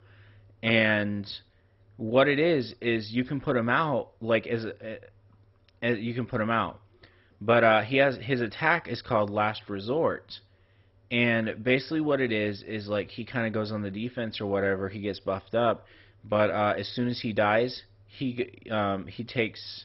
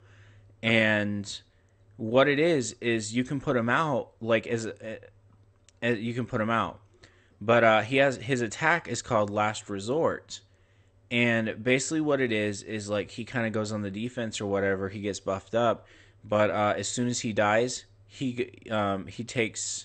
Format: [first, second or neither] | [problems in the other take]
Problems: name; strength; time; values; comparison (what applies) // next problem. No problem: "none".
second | garbled, watery; badly; nothing above 5.5 kHz; slightly in the second